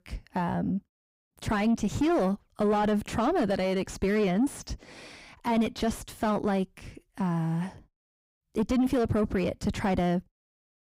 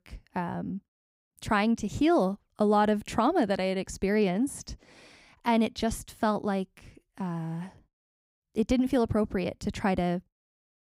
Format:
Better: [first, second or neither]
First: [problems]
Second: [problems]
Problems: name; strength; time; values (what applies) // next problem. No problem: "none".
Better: second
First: distortion; heavy; 7 dB below the speech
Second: none